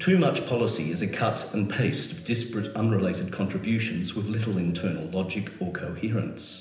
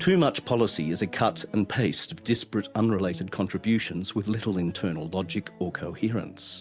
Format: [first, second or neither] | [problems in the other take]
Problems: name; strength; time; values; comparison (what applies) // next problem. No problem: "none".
second | room echo; dies away in 0.9 s